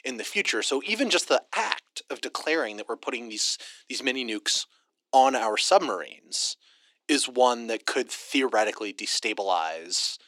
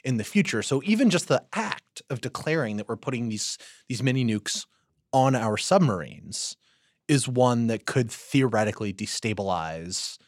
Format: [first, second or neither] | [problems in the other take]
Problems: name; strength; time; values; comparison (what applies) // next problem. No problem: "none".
second | thin; somewhat; fading below 300 Hz